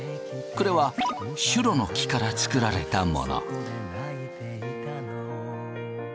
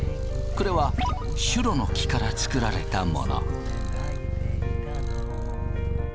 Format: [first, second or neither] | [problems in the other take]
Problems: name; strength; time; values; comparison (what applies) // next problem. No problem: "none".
first | background sound (Purr); 2 dB above the speech